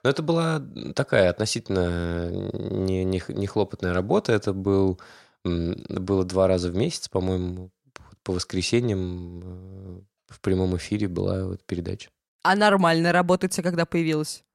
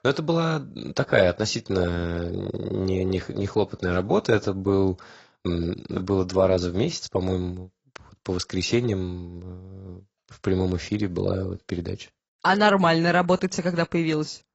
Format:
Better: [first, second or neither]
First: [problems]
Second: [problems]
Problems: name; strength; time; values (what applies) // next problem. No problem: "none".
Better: first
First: none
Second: garbled, watery; badly; nothing above 7.5 kHz